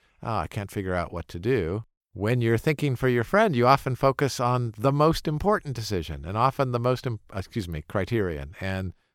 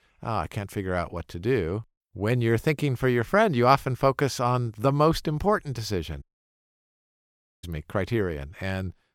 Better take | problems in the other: first | audio cutting out; at 6 s for 1.5 s

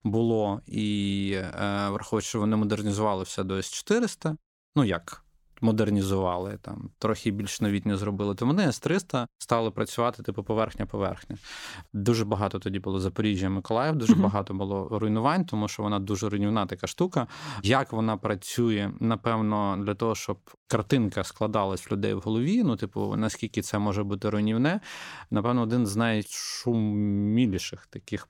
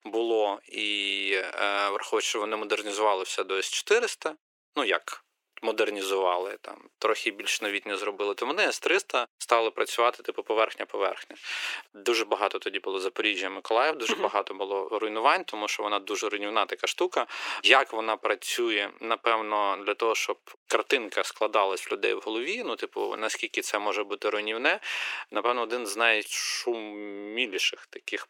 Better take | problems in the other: first | thin; very; fading below 350 Hz

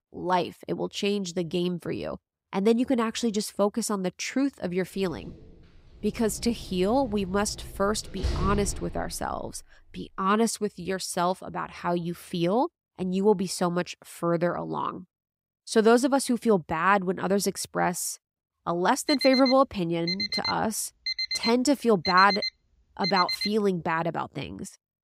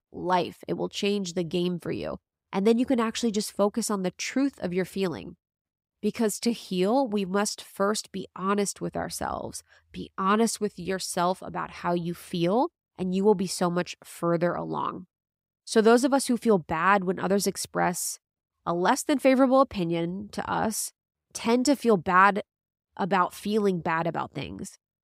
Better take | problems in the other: second | door banging; noticeable; from 5.5 to 9.5 s; peak 4 dB below the speech // alarm; noticeable; from 19 to 23 s; peak 1 dB below the speech

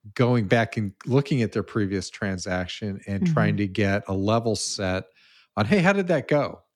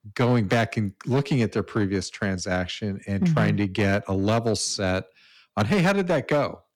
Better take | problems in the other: first | distortion; slight; 6% of the sound clipped

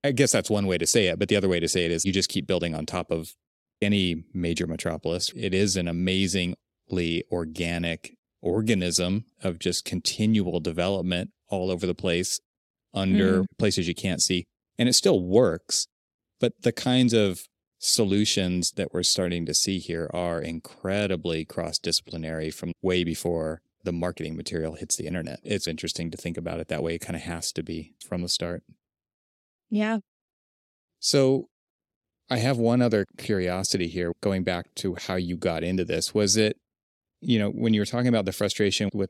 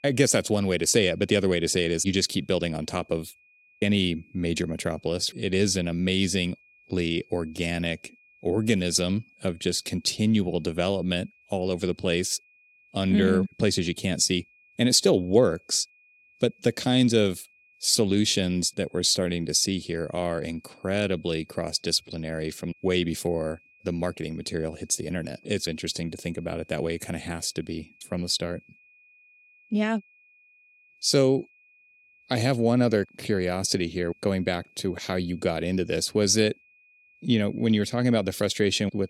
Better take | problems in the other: first | high-pitched whine; faint; throughout; 2.5 kHz, 30 dB below the speech

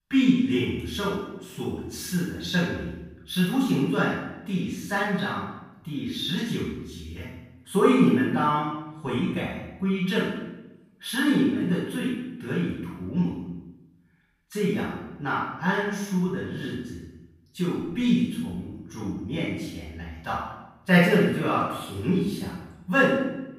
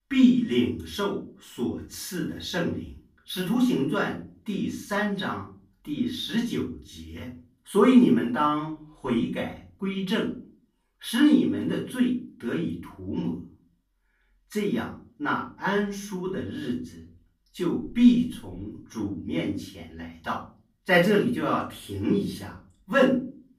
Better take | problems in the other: second | room echo; strong; dies away in 0.8 s; slight in the second // off-mic speech; far; far in the second

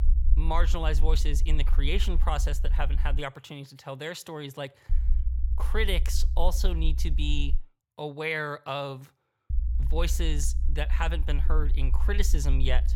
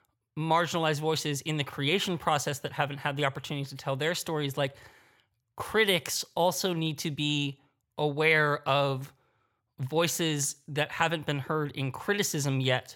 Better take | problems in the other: second | low rumble; noticeable; until 3 s, from 5 to 7.5 s and from 9.5 s on; 15 dB below the speech

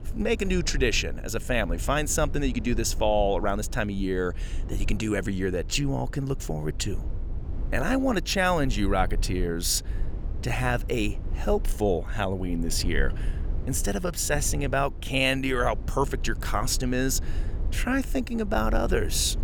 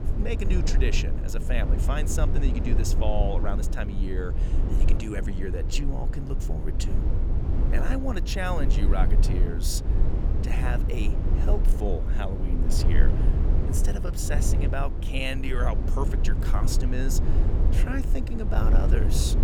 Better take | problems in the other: first | low rumble; loud; throughout; 5 dB below the speech; faint in the first

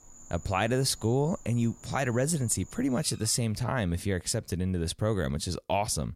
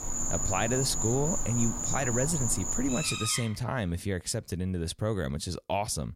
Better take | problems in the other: first | animal sounds; loud; until 3 s; as loud as the speech; faint in the first

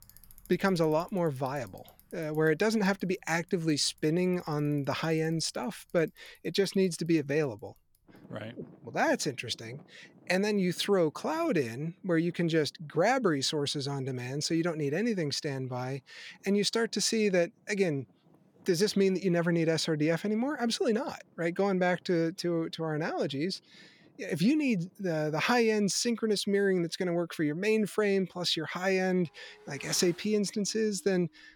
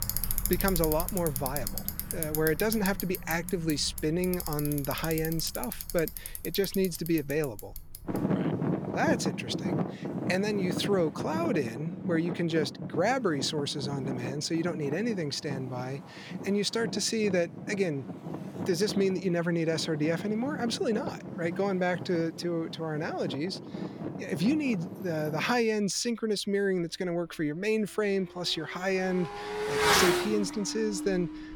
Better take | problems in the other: first | traffic noise; loud; throughout; 5 dB below the speech; faint in the first

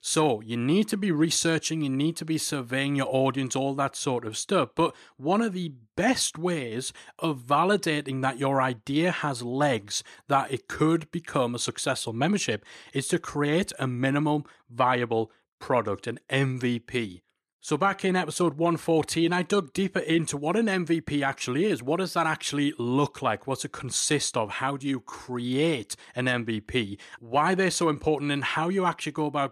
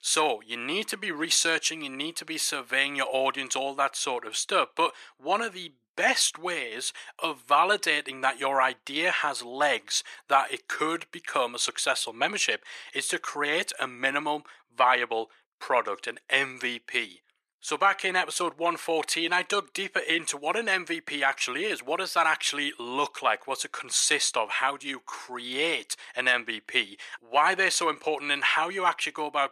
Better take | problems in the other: first | thin; very; fading below 600 Hz

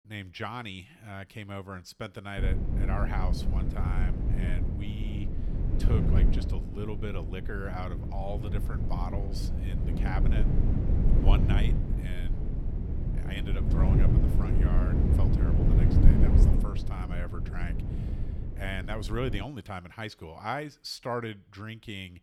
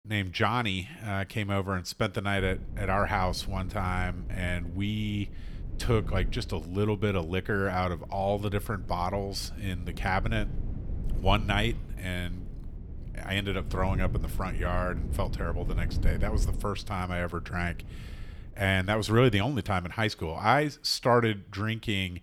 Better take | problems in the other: second | low rumble; loud; from 2.5 to 19 s; 2 dB below the speech; faint in the second

